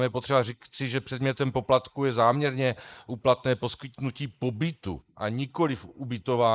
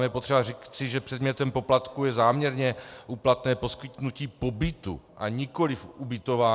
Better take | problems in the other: second | noise reduction (neural mask model Resemble Enhance denoiser)

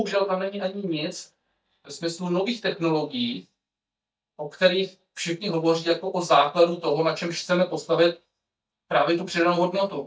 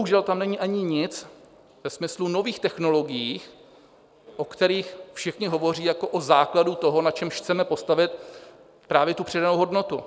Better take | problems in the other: second | noise reduction (neural mask model DeepFilterNet 3)

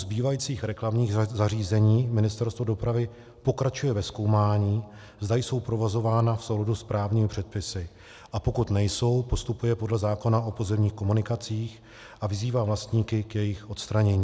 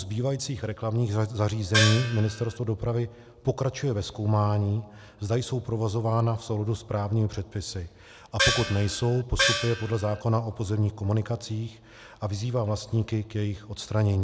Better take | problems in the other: first | background sound (Gong); 1 dB below the speech

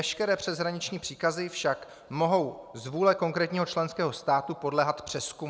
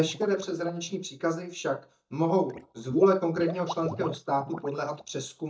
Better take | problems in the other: first | noise reduction (neural mask model DeepFilterNet 3)

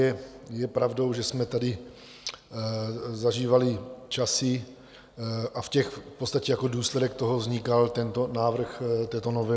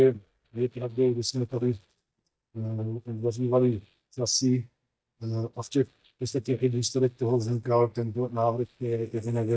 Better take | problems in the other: first | noise reduction (neural mask model DeepFilterNet 3)

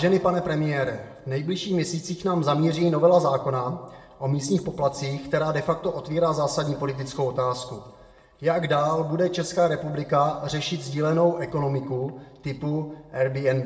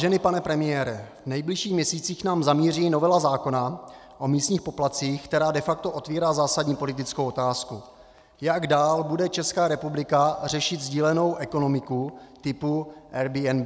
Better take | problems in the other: second | room echo; dies away in 0.7 s

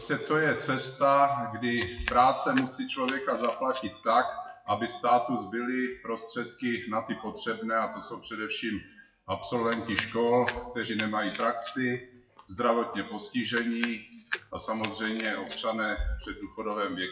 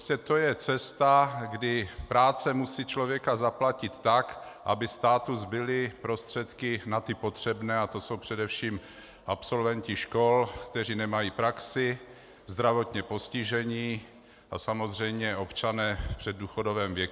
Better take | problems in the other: second | noise reduction (classical method WPE with log-MMSE)

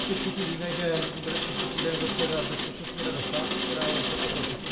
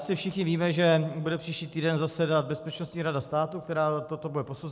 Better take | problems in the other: second | background sound (Rain); 2 dB above the speech // room echo; dies away in 0.7 s

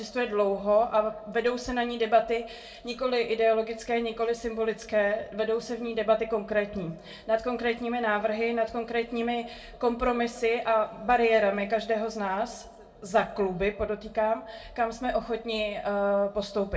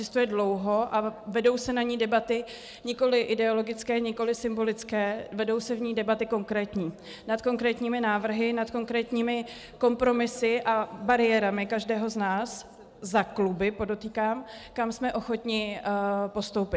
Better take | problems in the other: second | room echo; dies away in 0.2 s

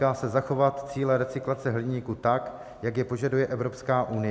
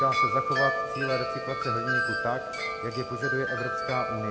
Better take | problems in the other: first | background sound (Wind chime); 3 dB above the speech

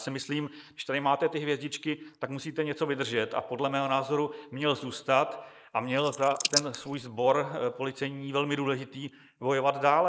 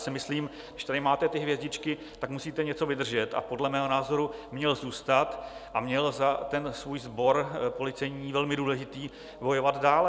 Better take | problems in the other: second | noise reduction (neural mask model Resemble Enhance denoiser)

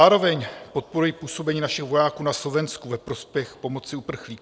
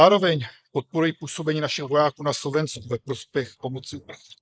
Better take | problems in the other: first | noise reduction (neural mask model Resemble Enhance denoiser)

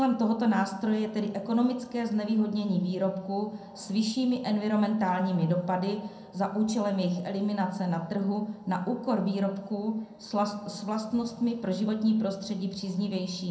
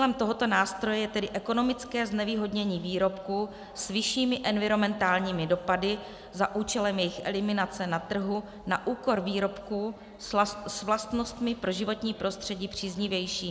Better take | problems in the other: second | room echo; dies away in 0.5 s

